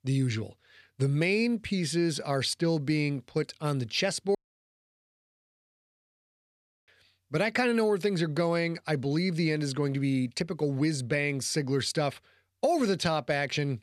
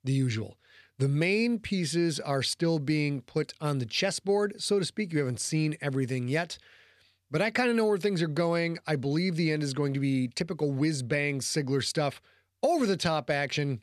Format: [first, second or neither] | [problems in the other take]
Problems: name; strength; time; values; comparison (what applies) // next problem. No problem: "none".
second | audio cutting out; at 4.5 s for 2.5 s